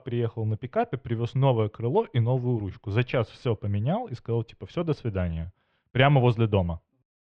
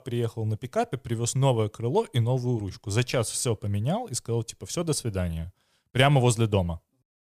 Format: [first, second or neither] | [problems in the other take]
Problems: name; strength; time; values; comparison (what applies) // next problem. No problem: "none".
second | muffled; very; fading above 3 kHz